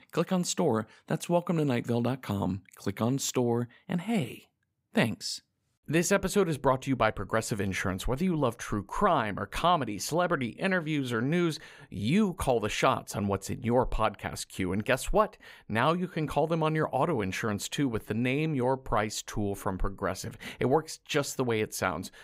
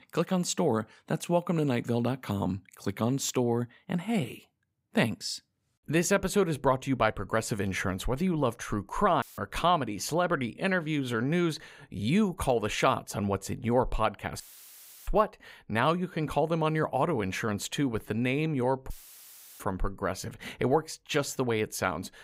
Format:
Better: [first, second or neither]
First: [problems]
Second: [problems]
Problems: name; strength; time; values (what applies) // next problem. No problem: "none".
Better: first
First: none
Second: audio cutting out; filled with static; at 9 s, at 14 s for 0.5 s and at 19 s for 0.5 s